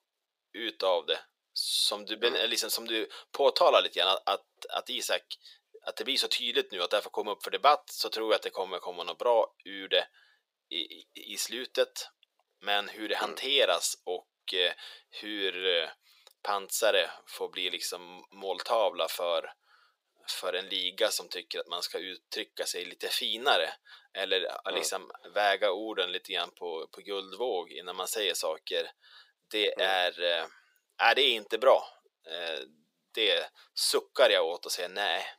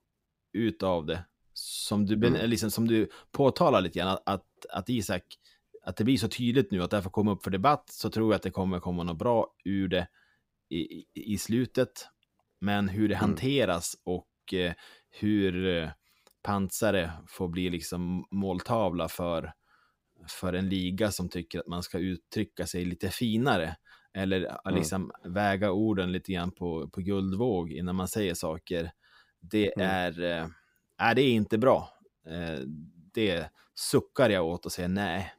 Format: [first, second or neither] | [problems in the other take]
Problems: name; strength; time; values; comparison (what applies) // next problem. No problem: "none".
second | thin; very; fading below 500 Hz